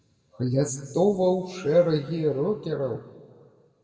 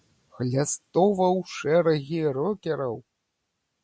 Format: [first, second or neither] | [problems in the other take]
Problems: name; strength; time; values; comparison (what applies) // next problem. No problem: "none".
second | room echo; dies away in 1.5 s